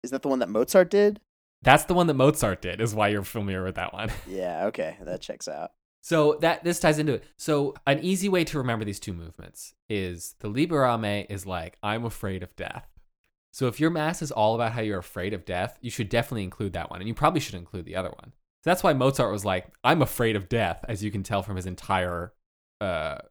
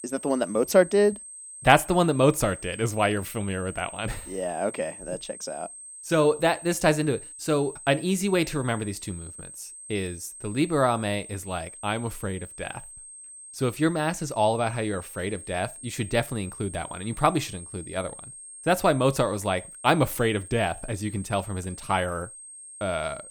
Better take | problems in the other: first | high-pitched whine; noticeable; throughout; 8.5 kHz, 15 dB below the speech

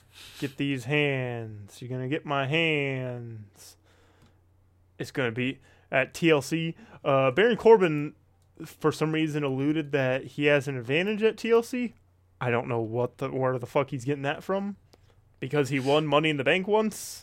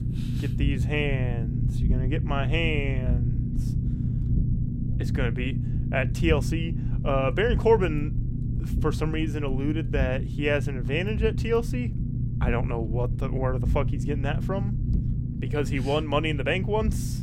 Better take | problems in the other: first | low rumble; noticeable; throughout; 10 dB below the speech

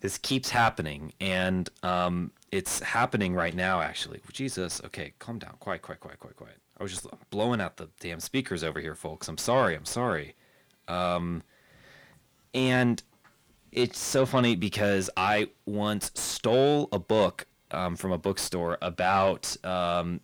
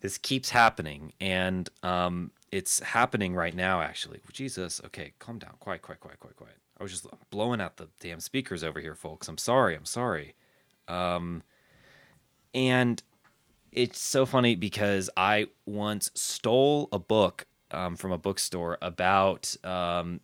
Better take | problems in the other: second | distortion; slight; 10 dB below the speech

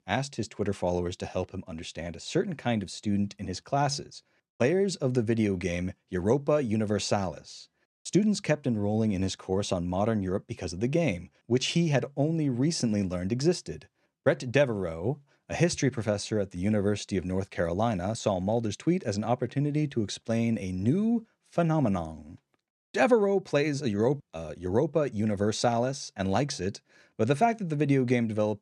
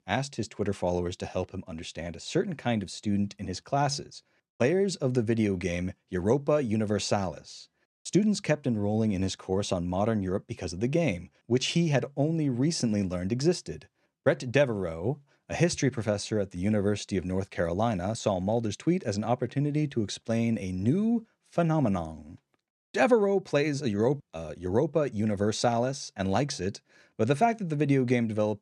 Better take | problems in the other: neither | none

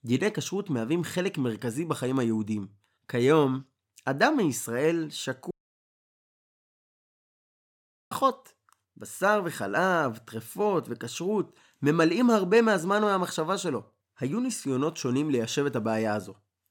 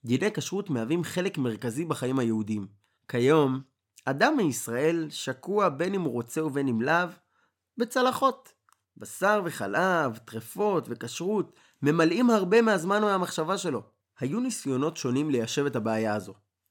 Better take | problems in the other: second | audio cutting out; at 5.5 s for 2.5 s

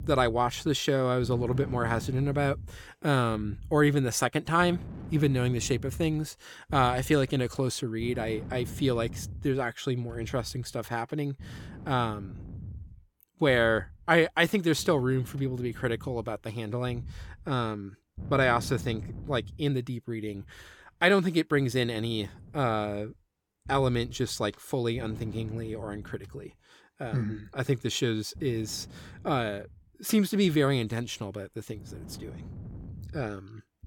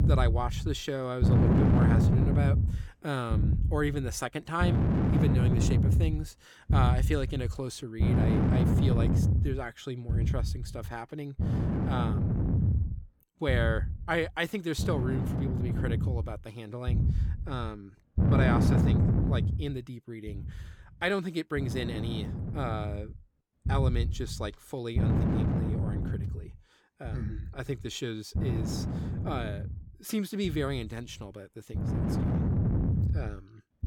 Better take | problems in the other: first | wind noise on the microphone; heavy; 2 dB below the speech; occasional gusts in the first

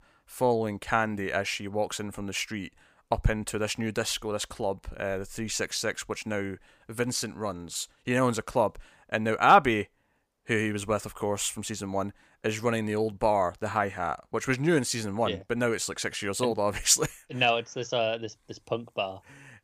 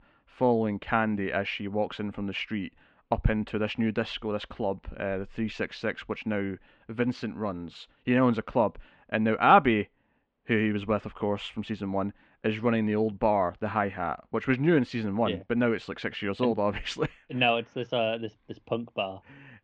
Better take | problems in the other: first | muffled; very; fading above 3 kHz

